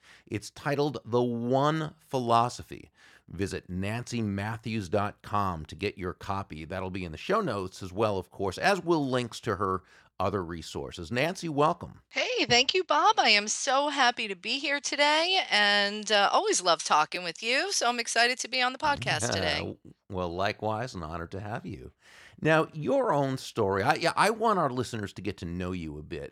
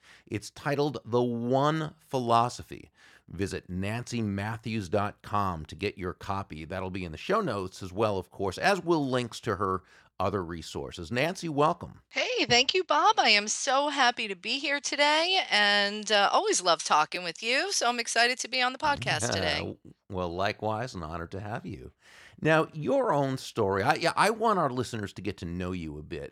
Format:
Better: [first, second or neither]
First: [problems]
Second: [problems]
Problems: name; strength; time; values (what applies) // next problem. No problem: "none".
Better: neither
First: none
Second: none